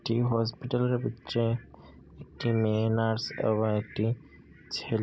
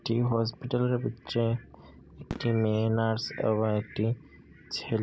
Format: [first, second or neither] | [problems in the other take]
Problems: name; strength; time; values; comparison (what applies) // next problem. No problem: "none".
first | background sound (Fireworks); 18 dB below the speech